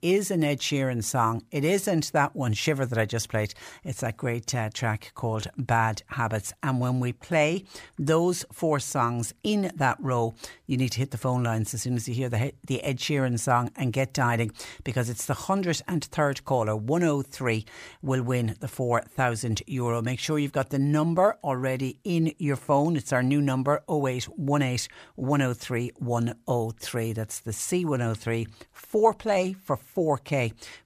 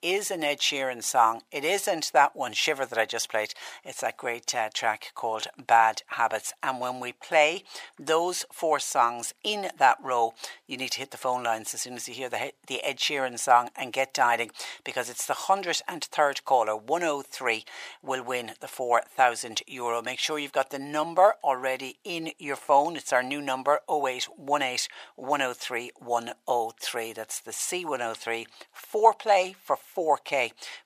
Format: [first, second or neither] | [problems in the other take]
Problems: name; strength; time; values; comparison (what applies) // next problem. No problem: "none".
first | thin; very; fading below 600 Hz